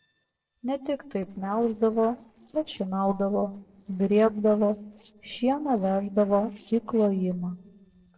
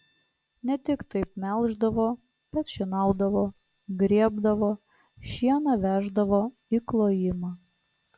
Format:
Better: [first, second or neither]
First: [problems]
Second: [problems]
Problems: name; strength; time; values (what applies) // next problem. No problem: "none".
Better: second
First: noise reduction (neural separator model SepFormer DNS4)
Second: none